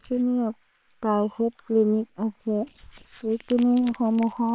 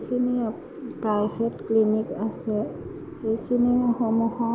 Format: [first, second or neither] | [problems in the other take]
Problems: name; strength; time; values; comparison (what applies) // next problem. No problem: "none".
second | noise reduction (neural separator model SepFormer WHAM!)